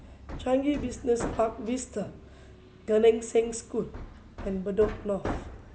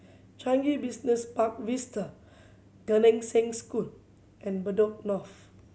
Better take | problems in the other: second | background sound (Hammer); 11 dB below the speech

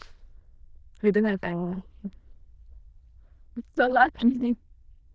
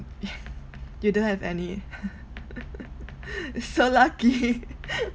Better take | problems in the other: second | noise reduction (neural diffusion model UNIVERSE++)

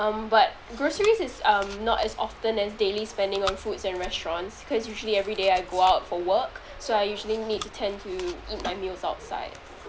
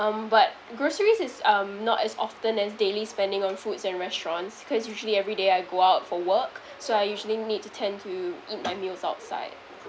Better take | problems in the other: second | background sound (Chewing, mastication); 16 dB below the speech

